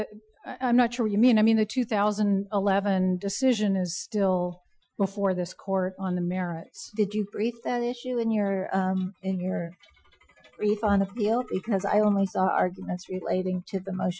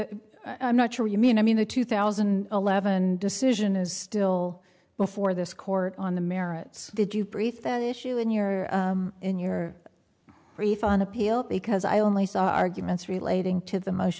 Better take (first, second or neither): second